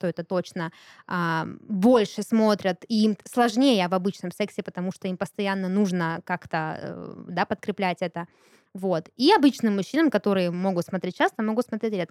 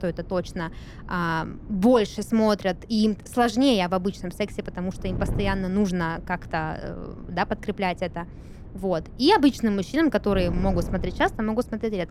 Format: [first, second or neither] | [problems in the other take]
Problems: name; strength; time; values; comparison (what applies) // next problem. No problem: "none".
first | wind noise on the microphone; occasional gusts; 20 dB below the speech